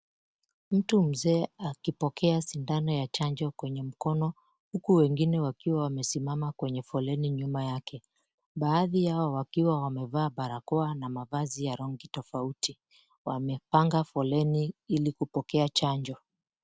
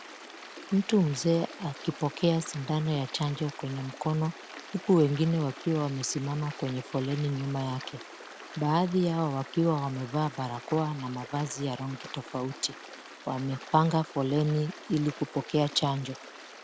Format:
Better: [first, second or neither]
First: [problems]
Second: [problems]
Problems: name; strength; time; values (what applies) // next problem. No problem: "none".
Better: first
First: none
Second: background sound (Stream); 16 dB below the speech